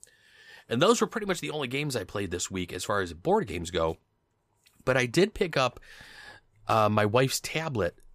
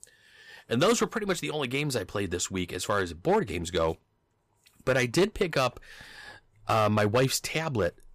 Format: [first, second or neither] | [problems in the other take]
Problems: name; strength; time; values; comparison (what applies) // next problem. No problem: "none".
first | distortion; slight; 3% of the sound clipped